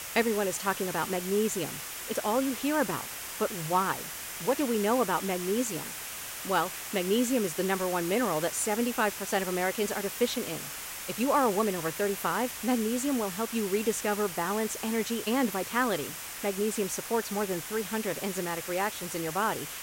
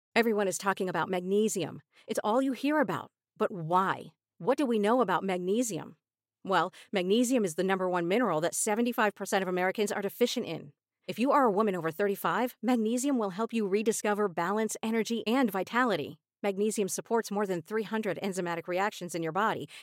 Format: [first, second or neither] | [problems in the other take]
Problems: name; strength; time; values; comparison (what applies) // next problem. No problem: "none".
second | hiss; loud; throughout; 6 dB below the speech